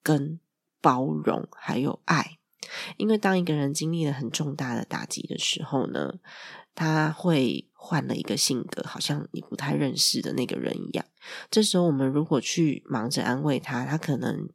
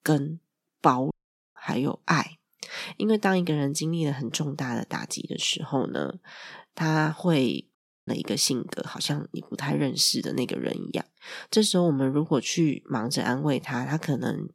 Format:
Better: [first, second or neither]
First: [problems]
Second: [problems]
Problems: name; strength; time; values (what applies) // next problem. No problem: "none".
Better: first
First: none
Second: audio cutting out; at 1 s and at 8 s